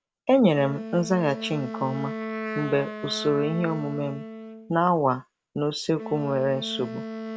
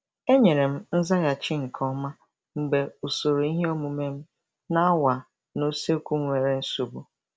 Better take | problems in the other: second | background sound (Wind instrument, woodwind instrument); 10 dB below the speech

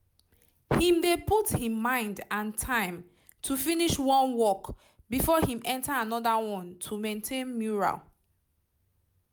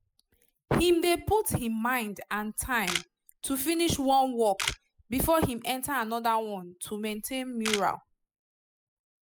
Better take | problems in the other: first | noise reduction (classical method spectral subtraction)

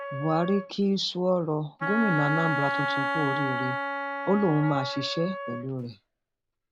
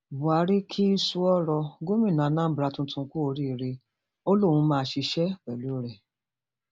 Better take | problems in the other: second | background sound (Wind instrument, woodwind instrument); 4 dB below the speech

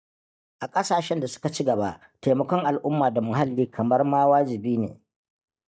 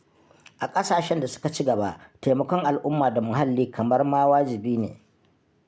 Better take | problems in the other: second | noise reduction (neural mask model DeepFilterNet 3)

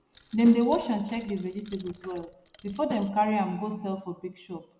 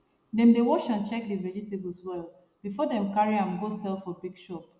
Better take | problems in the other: second | background sound (Snare drum + Coin (dropping)); 19 dB below the speech

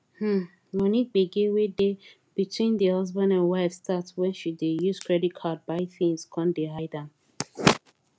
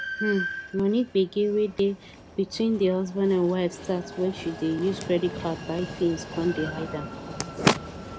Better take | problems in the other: first | background sound (Train); 11 dB below the speech

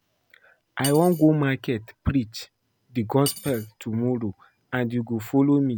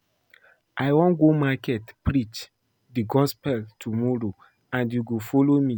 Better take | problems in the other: second | background sound (Cutlery, silverware); 17 dB below the speech

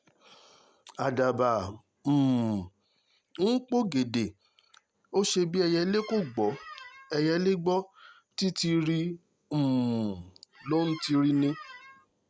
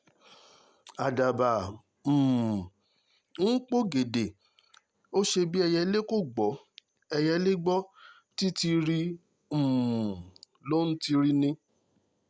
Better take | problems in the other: second | background sound (Squeak); 19 dB below the speech

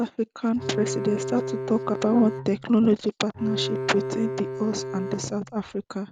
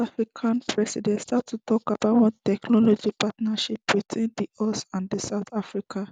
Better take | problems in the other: second | background sound (Bowed string instrument); 6 dB below the speech

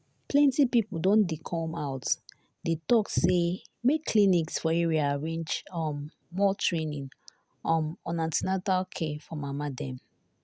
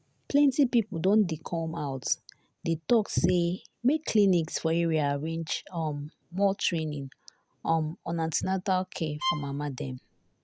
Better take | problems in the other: first | background sound (Bowed string instrument); 8 dB below the speech

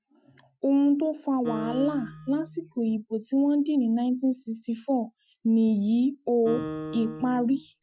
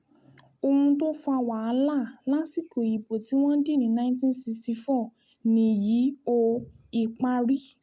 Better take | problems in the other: second | noise reduction (classical method Wiener filter)

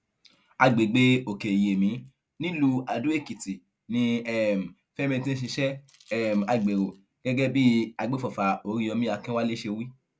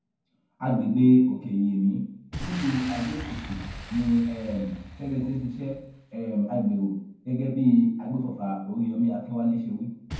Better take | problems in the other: first | background sound (Boom); 16 dB below the speech // room echo; dies away in 0.9 s

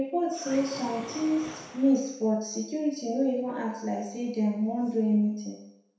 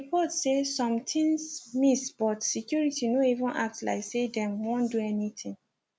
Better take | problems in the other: second | background sound (Mechanisms); 16 dB below the speech // room echo; dies away in 0.7 s

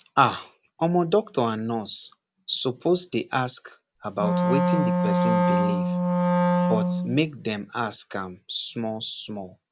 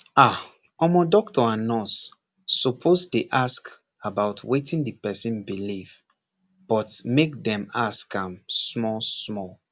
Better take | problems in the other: second | background sound (Wind instrument, woodwind instrument); 5 dB above the speech

